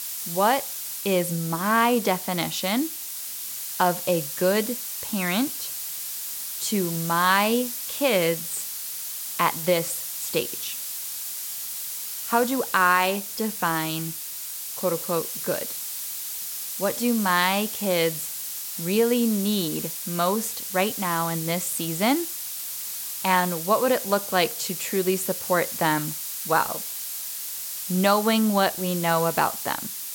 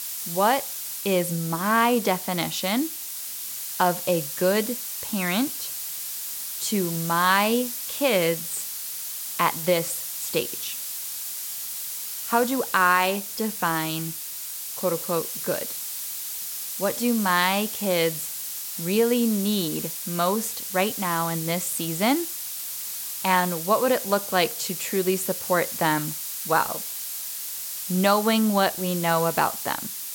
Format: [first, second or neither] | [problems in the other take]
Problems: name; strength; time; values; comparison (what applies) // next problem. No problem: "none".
neither | hiss; loud; throughout; 5 dB below the speech; the same in both